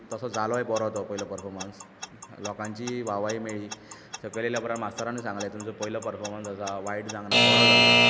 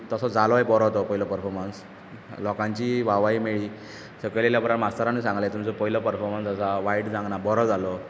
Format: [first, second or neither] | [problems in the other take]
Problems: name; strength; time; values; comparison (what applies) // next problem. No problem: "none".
second | background sound (Alarm / Clock); 5 dB above the speech